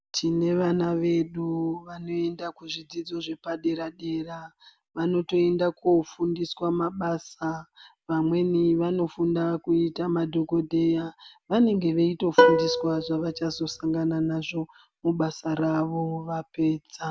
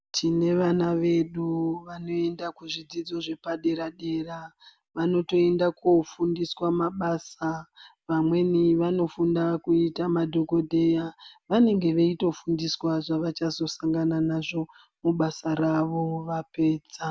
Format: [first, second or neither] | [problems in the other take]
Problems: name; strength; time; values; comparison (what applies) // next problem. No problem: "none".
second | background sound (Plucked string instrument); 3 dB above the speech